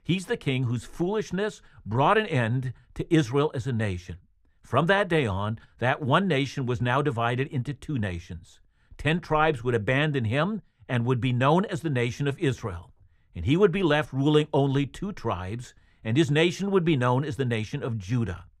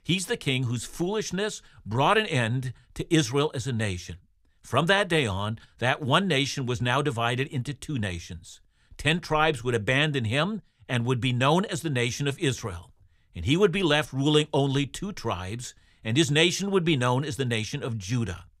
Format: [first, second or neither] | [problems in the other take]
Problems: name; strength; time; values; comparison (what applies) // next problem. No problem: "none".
second | muffled; slightly; fading above 2.5 kHz